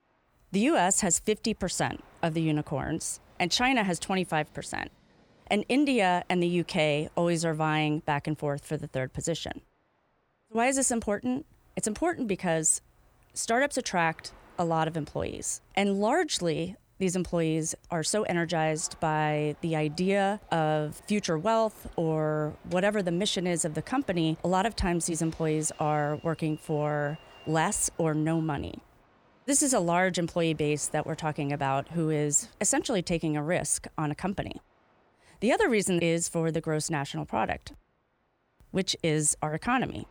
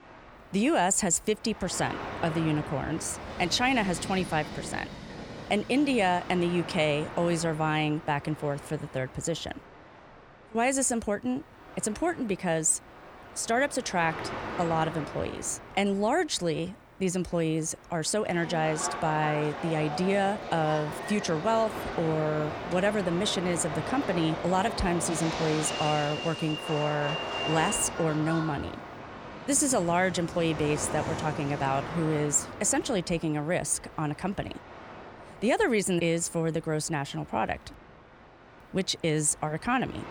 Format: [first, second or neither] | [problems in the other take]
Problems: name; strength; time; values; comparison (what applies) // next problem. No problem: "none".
first | train or aircraft noise; loud; throughout; 9 dB below the speech; faint in the first